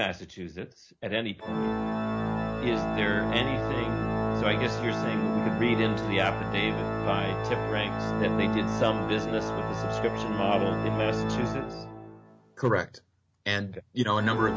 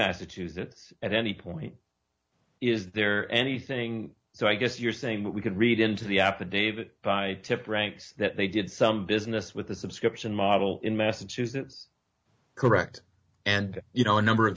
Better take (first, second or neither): second